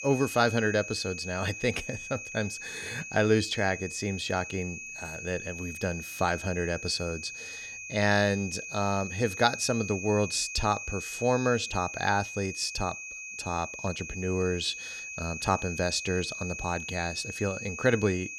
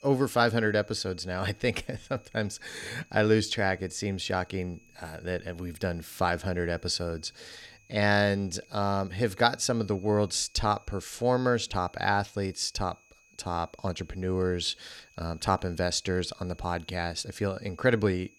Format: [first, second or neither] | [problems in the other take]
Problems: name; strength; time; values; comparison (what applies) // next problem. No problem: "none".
second | high-pitched whine; loud; throughout; 2.5 kHz, 8 dB below the speech; faint in the second